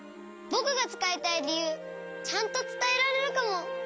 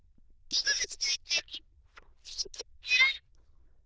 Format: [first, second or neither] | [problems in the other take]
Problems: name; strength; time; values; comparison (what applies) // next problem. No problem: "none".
first | noise reduction (neural diffusion model UNIVERSE++)